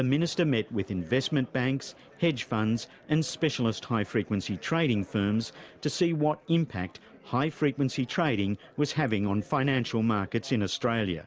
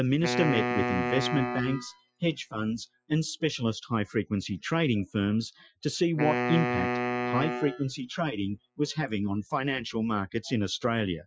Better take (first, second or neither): first